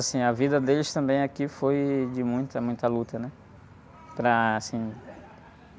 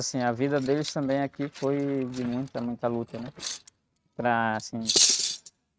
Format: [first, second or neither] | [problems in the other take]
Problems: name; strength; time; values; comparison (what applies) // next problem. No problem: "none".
first | noise reduction (neural mask model RNNoise)